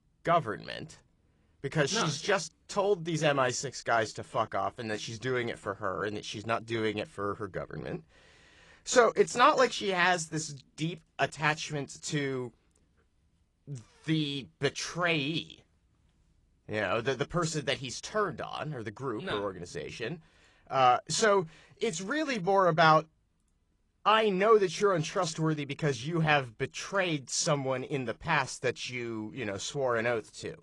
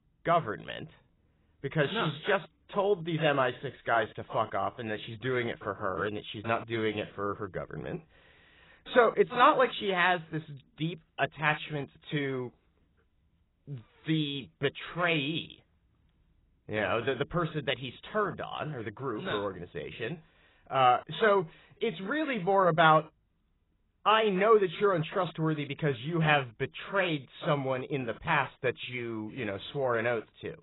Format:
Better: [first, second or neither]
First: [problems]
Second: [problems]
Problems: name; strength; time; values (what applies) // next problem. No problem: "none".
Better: first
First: garbled, watery; slightly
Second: garbled, watery; badly; nothing above 4 kHz